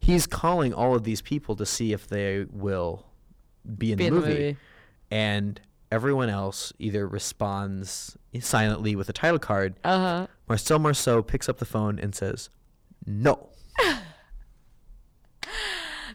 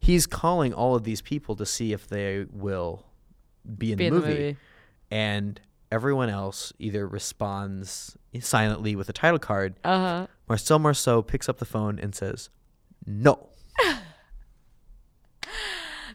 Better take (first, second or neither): second